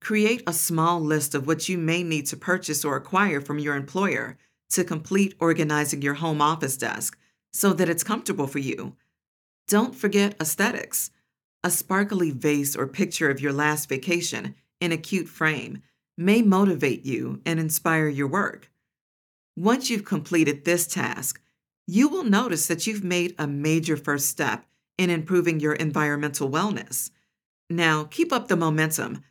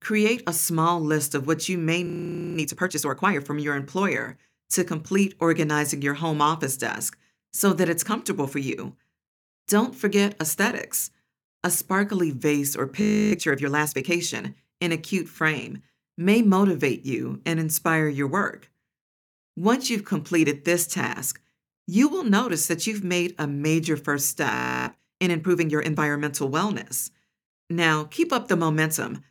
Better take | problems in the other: first | audio freezing; at 2 s, at 13 s and at 25 s

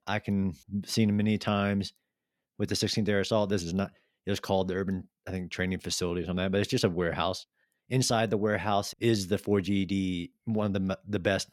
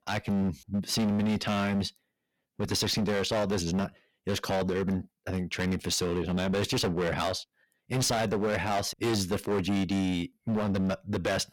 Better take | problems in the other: first | distortion; heavy; 17% of the sound clipped

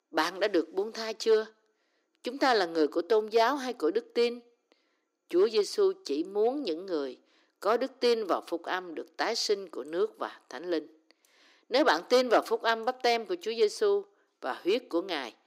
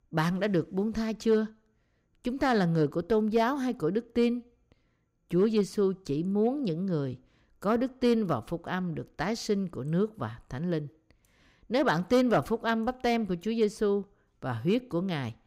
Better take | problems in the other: second | thin; somewhat; fading below 300 Hz

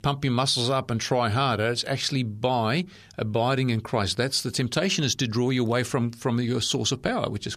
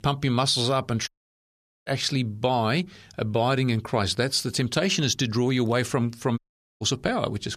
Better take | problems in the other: first | audio cutting out; at 1 s for 1 s and at 6.5 s

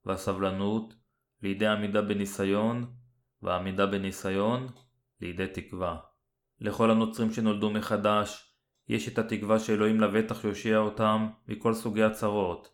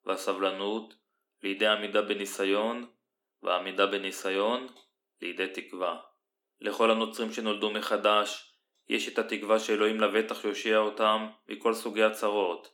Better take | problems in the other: first | thin; somewhat; fading below 250 Hz

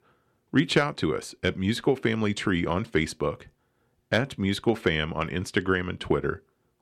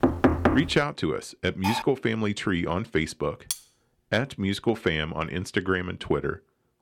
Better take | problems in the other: first | door banging; loud; at the start; peak 5 dB above the speech // clattering dishes; noticeable; at 1.5 s and at 3.5 s; peak 4 dB below the speech

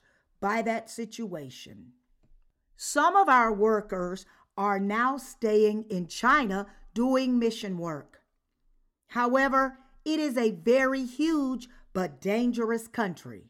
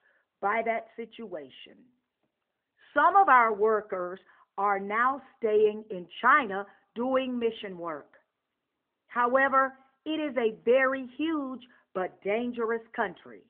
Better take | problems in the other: first | phone-call audio; nothing above 3 kHz

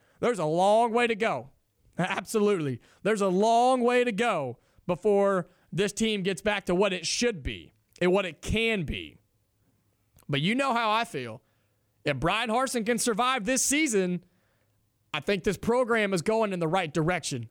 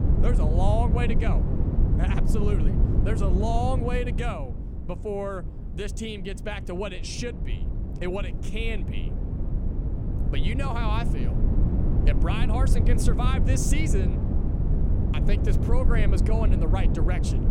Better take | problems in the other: first | low rumble; loud; throughout; 4 dB below the speech

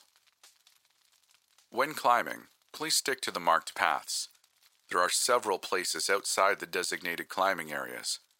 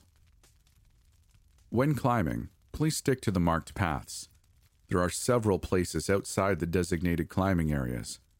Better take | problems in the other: second | thin; very; fading below 850 Hz

